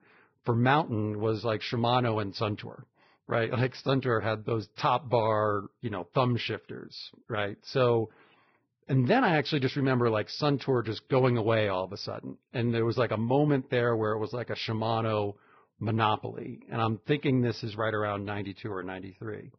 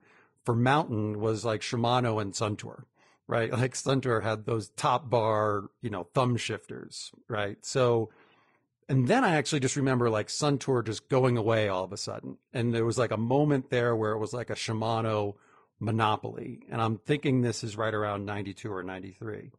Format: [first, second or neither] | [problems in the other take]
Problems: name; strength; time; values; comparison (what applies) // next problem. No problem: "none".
second | garbled, watery; badly; nothing above 5.5 kHz; slightly in the second